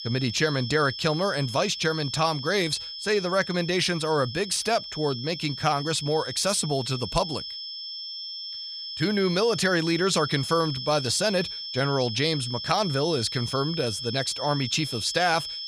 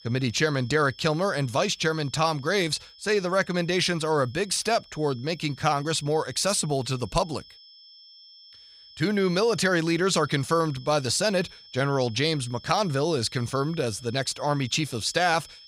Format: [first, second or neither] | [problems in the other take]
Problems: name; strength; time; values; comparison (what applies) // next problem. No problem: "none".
second | high-pitched whine; loud; throughout; 5.5 kHz, 7 dB below the speech; faint in the second